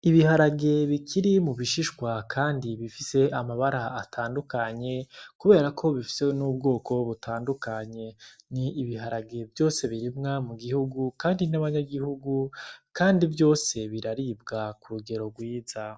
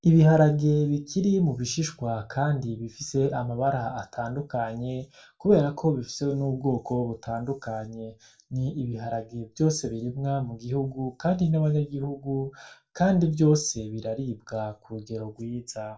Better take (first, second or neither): first